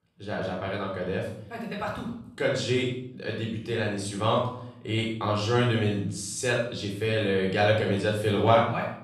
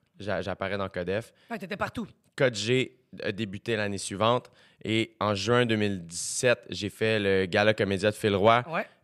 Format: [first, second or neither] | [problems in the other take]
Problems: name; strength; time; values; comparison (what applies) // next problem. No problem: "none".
second | off-mic speech; far // room echo; noticeable; dies away in 0.6 s